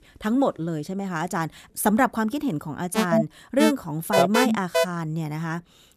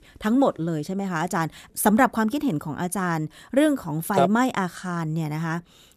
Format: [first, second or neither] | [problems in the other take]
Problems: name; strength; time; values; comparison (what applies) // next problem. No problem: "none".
second | alarm; loud; from 3 to 5 s; peak 4 dB above the speech